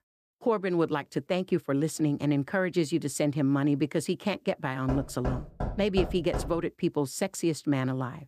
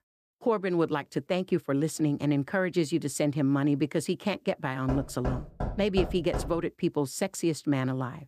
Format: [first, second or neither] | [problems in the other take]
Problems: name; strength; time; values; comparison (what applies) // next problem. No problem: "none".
neither | door banging; noticeable; from 5 to 6.5 s; peak 6 dB below the speech; the same in both